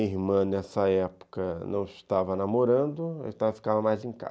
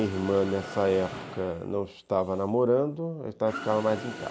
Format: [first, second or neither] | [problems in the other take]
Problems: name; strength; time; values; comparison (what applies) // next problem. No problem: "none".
first | background sound (Mechanisms); 14 dB below the speech